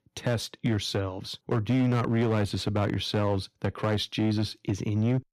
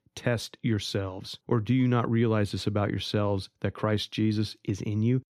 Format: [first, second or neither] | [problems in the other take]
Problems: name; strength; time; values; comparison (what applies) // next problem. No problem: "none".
second | distortion; slight; 7% of the sound clipped